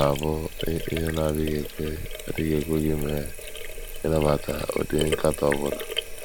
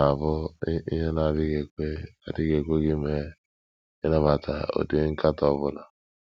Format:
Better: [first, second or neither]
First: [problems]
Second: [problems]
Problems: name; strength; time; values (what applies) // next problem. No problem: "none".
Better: second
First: background sound (Sink (filling or washing)); 6 dB below the speech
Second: none